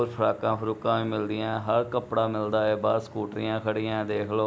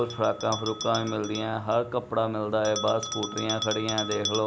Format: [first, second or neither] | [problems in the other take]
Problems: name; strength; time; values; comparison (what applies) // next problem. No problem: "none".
first | background sound (Bell); 9 dB below the speech